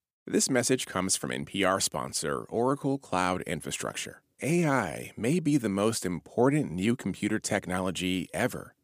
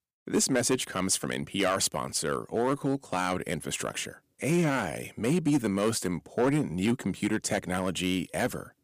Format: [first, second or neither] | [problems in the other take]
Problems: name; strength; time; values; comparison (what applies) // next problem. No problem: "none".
first | distortion; slight; 3% of the sound clipped